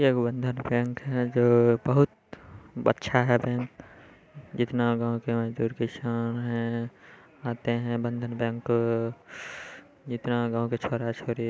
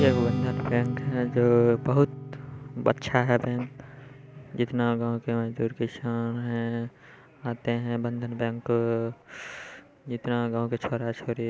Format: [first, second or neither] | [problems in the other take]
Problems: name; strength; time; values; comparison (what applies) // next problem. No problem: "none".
first | background sound (Strum); 10 dB below the speech